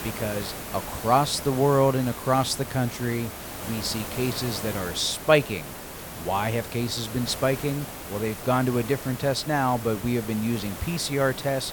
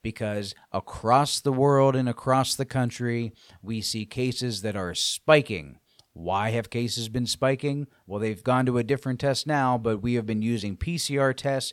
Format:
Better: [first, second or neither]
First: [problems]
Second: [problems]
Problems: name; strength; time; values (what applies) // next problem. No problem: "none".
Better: second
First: hiss; loud; throughout; 10 dB below the speech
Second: none